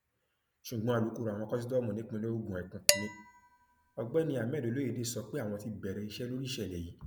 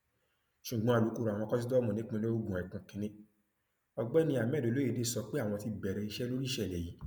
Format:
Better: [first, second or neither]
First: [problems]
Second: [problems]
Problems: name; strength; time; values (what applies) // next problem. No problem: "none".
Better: second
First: background sound (Dishes, pots, and pans); 1 dB below the speech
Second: none